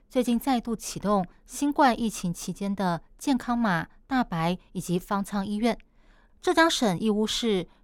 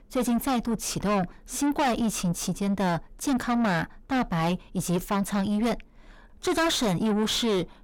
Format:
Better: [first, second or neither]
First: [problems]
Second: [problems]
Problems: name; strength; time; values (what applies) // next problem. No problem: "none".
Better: first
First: none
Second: distortion; heavy; 6 dB below the speech